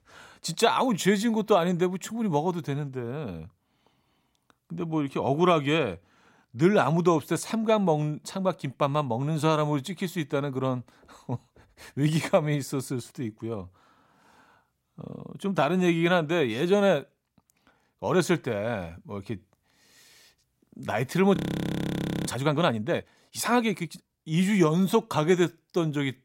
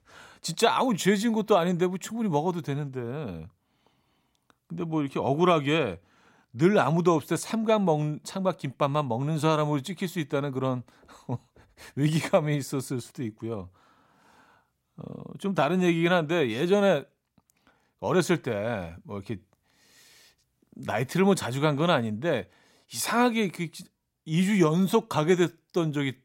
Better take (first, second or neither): second